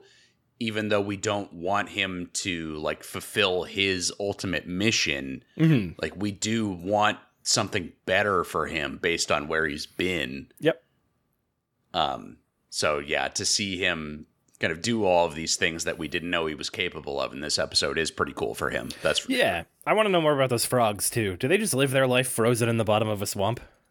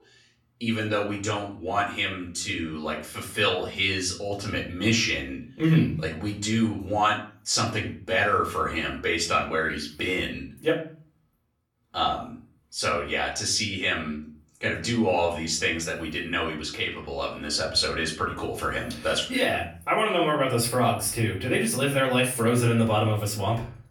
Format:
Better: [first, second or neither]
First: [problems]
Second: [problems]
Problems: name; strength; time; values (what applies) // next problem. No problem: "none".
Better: first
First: none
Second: room echo; slight; dies away in 0.4 s // off-mic speech; far